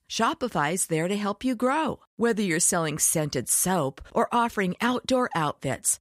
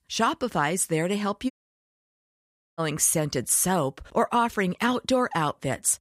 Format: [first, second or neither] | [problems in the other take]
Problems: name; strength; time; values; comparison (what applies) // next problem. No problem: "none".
first | audio cutting out; at 1.5 s for 1.5 s